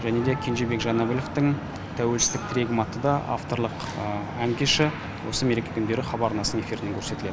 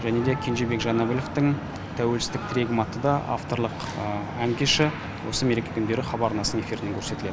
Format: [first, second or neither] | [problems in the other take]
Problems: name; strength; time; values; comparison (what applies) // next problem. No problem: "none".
second | background sound (Tambourine); 8 dB below the speech